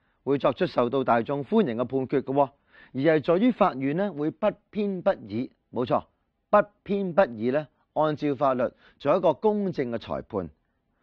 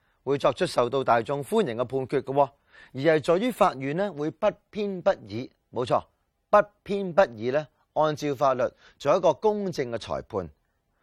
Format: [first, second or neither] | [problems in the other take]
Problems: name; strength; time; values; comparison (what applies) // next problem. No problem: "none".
second | muffled; slightly; fading above 4 kHz